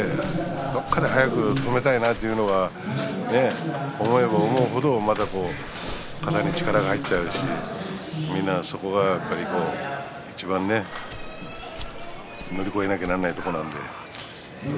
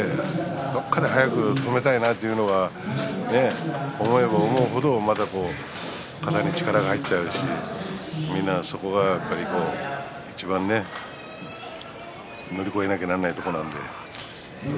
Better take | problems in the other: second | background sound (Walk, footsteps); 12 dB below the speech

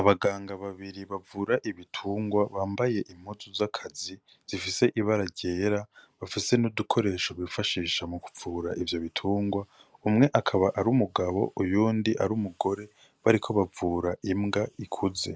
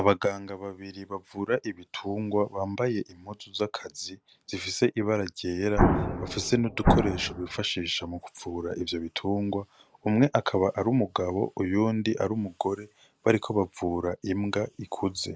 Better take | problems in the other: first | background sound (Explosion); 3 dB above the speech

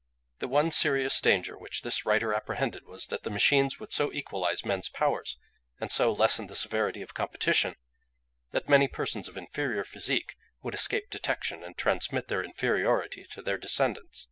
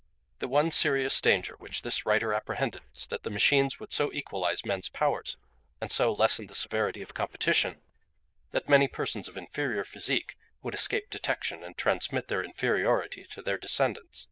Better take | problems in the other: first | noise reduction (neural diffusion model UNIVERSE++)

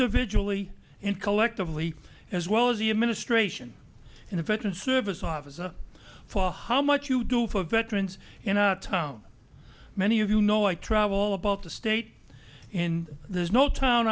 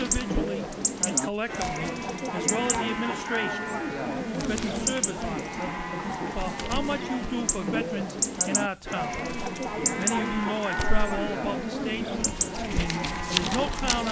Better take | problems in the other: first | background sound (Chatter / Chirp, tweet / Livestock, farm animals, working animals + Crumpling, crinkling); 4 dB above the speech

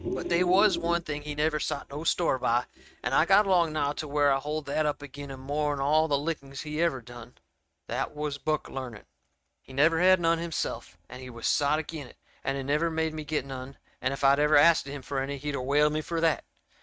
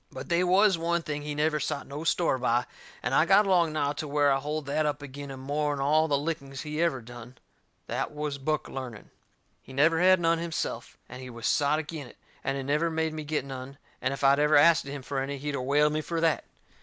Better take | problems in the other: second | noise reduction (neural mask model RNNoise)

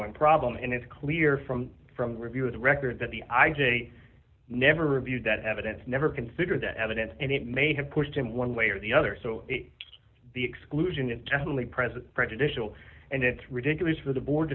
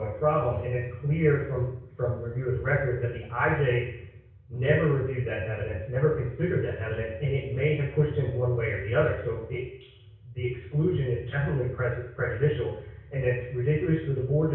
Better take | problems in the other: first | room echo; dies away in 0.6 s

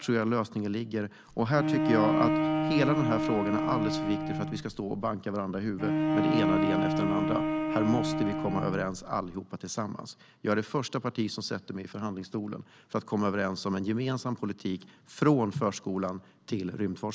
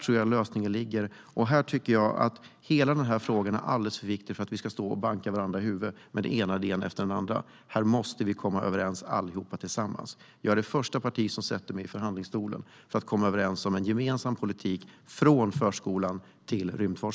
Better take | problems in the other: second | background sound (Bowed string instrument); 2 dB above the speech

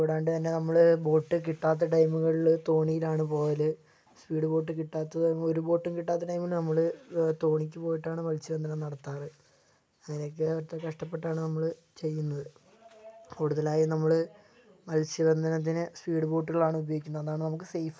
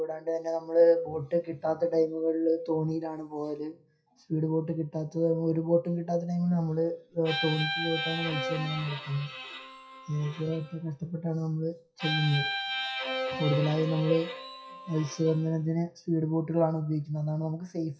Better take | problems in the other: first | noise reduction (classical method WPE with log-MMSE)

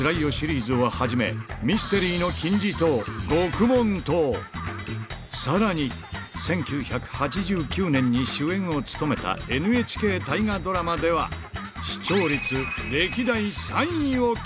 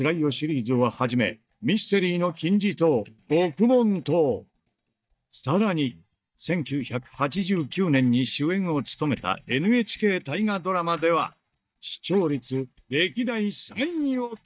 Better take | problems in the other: first | noise reduction (neural mask model DeepFilterNet 3)

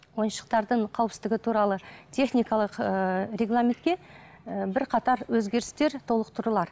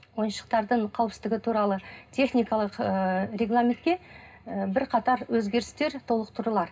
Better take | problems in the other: first | room echo; dies away in 0.2 s

